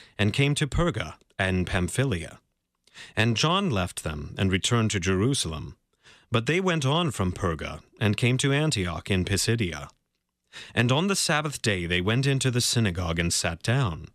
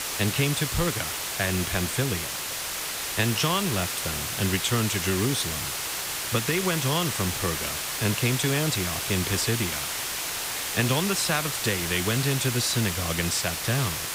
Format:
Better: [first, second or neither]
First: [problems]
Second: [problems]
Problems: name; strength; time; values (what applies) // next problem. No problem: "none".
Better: first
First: none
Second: hiss; loud; throughout; 1 dB below the speech